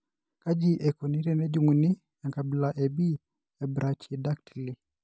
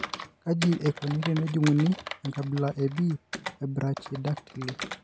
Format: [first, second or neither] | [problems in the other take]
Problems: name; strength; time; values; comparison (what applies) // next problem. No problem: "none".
first | background sound (Computer keyboard); 11 dB below the speech